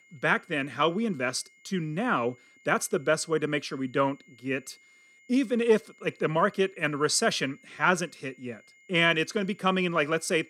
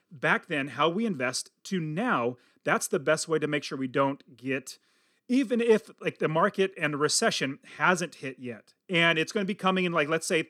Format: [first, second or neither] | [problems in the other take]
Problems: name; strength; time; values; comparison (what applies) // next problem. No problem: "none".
second | high-pitched whine; faint; throughout; 2 kHz, 30 dB below the speech